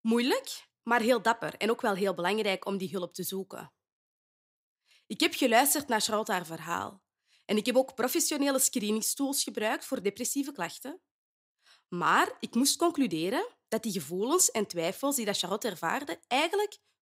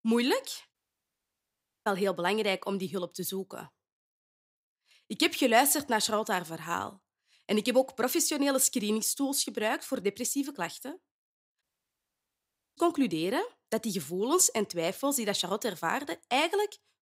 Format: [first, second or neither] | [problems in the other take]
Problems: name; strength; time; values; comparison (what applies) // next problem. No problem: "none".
first | audio cutting out; at 0.5 s for 1 s and at 12 s for 1 s